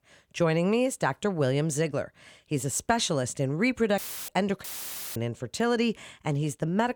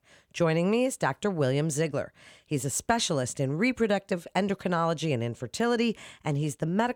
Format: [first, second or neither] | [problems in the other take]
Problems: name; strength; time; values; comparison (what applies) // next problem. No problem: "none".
second | audio cutting out; filled with static; at 4 s and at 4.5 s for 0.5 s